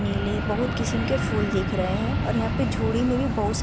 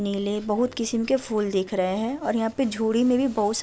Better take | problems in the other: second | background sound (Fixed-wing aircraft, airplane); 1 dB above the speech

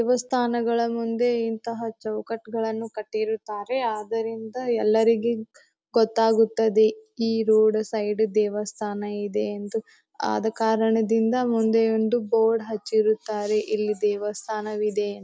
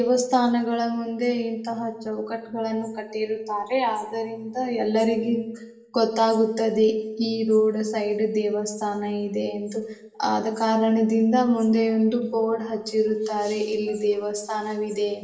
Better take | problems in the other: first | room echo; dies away in 0.7 s

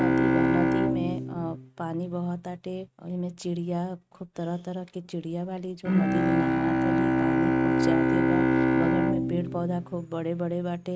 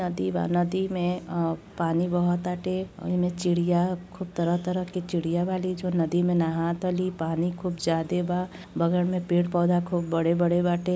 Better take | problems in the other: second | noise reduction (neural mask model RNNoise)

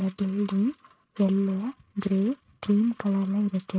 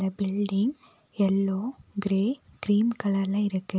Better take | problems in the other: second | noise reduction (neural mask model RNNoise)

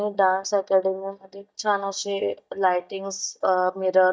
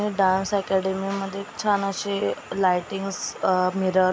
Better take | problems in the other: second | noise reduction (neural mask model DeepFilterNet 3)

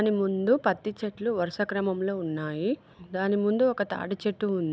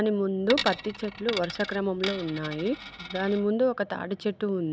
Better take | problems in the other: first | background sound (Coin (dropping)); 9 dB below the speech

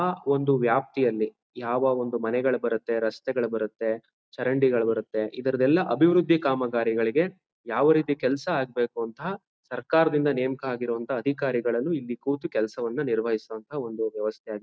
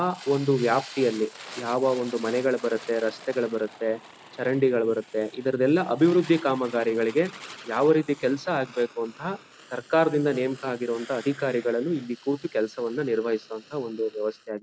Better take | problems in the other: first | background sound (Fire); 20 dB below the speech

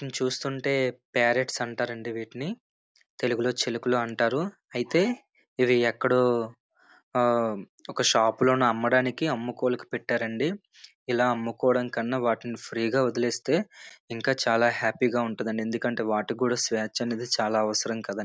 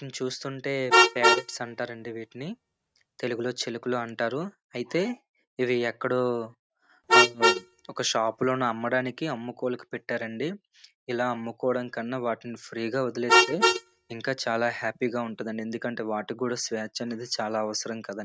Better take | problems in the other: first | noise reduction (neural mask model RNNoise)

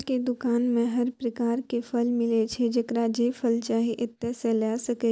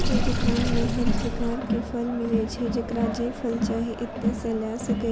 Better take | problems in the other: first | background sound (Crowd + Sink (filling or washing) / Water); 3 dB above the speech

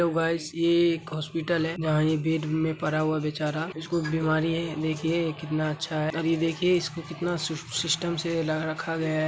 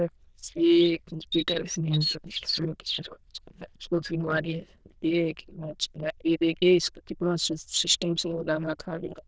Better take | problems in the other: first | noise reduction (neural diffusion model UNIVERSE++)

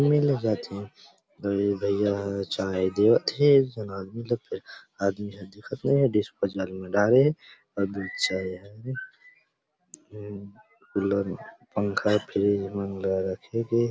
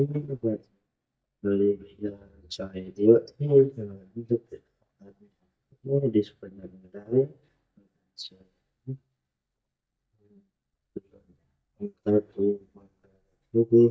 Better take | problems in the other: first | noise reduction (neural mask model DeepFilterNet 3)

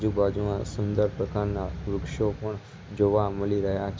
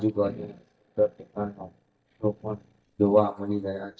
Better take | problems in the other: first | noise reduction (neural mask model DeepFilterNet 3)

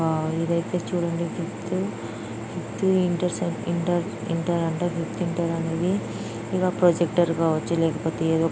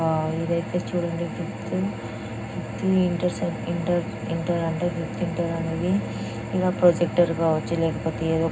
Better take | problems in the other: first | room echo; dies away in 0.4 s

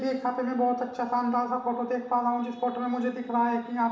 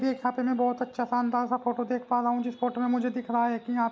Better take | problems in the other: second | room echo; dies away in 1 s

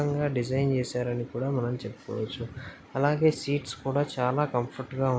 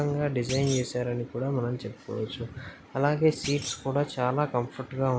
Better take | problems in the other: first | background sound (Thump, thud); 12 dB below the speech

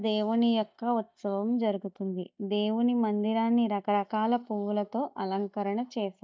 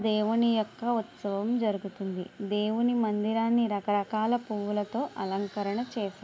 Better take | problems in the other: second | noise reduction (neural mask model DeepFilterNet 3)

